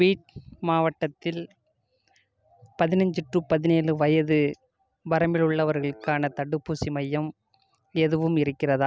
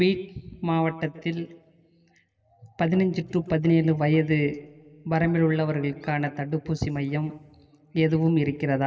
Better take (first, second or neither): first